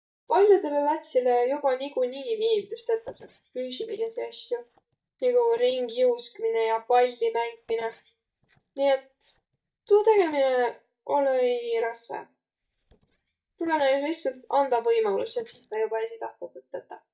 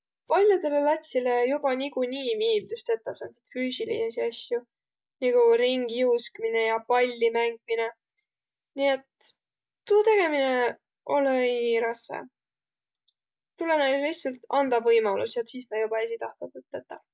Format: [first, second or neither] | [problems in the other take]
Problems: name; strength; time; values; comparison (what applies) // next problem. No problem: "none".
second | noise reduction (neural mask model DeepFilterNet 3)